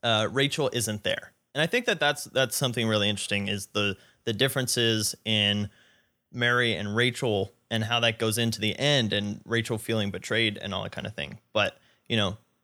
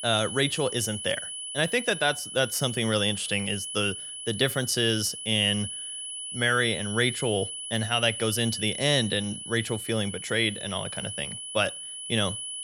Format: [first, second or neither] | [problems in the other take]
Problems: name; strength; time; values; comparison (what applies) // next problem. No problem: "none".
first | high-pitched whine; loud; throughout; 3 kHz, 7 dB below the speech